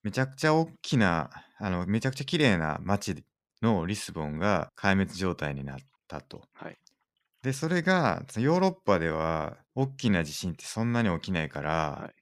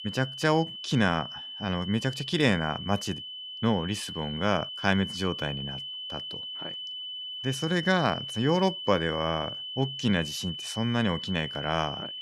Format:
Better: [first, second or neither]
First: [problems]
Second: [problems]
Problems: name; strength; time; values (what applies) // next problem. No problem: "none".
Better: first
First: none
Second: high-pitched whine; loud; throughout; 3 kHz, 7 dB below the speech